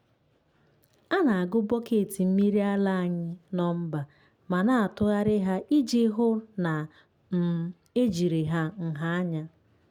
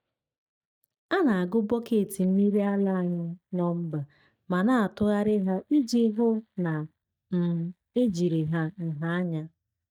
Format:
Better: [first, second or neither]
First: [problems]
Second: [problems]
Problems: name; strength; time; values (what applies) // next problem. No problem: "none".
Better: first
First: none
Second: noise reduction (neural mask model DeepFilterNet 3)